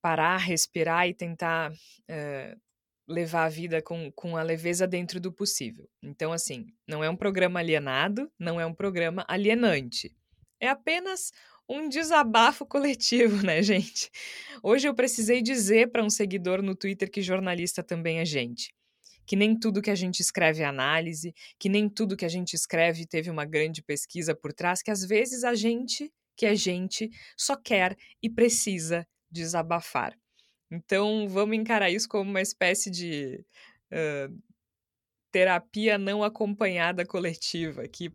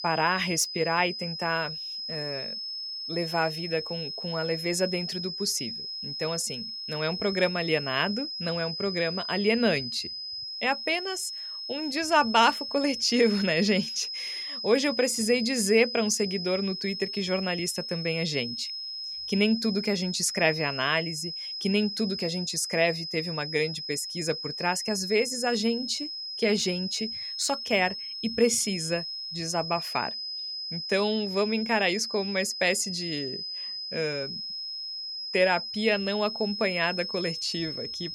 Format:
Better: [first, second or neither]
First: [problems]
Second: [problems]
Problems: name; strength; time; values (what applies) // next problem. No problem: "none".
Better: first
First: none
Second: high-pitched whine; loud; throughout; 5 kHz, 5 dB below the speech